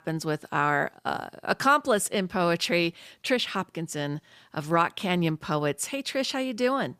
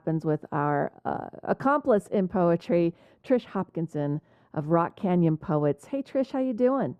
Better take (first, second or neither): first